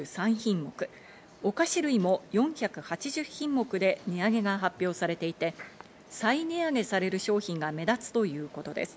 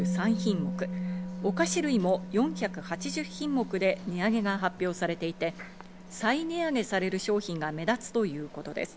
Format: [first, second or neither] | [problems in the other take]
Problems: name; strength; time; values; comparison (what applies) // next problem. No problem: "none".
first | background sound (Musical instrument); 8 dB below the speech